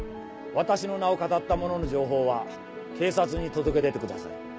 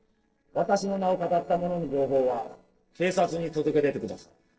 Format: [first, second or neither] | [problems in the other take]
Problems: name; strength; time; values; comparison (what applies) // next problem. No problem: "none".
first | noise reduction (neural separator model SepFormer DNS4)